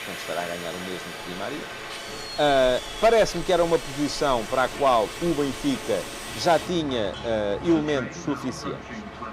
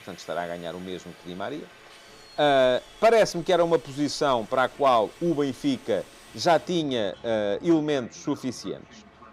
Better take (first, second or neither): second